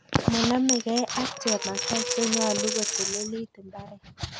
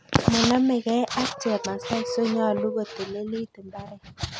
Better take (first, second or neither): second